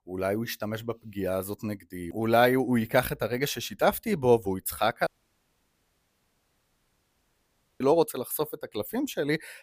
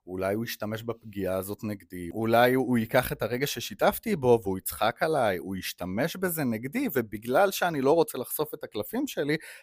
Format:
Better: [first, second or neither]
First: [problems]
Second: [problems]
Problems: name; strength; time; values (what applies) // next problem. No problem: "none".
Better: second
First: audio cutting out; at 5 s for 2.5 s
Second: none